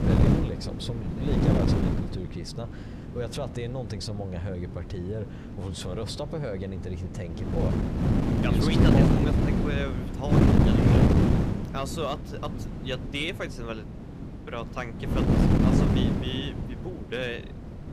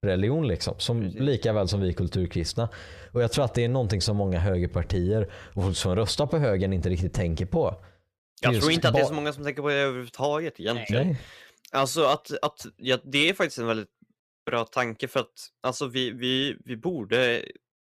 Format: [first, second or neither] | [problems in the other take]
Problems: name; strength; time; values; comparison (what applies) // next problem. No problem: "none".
second | wind noise on the microphone; heavy; 5 dB above the speech